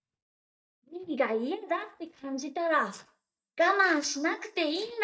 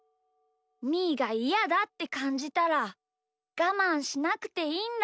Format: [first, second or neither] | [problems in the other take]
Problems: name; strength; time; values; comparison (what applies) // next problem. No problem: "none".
second | noise reduction (neural mask model DeepFilterNet 3)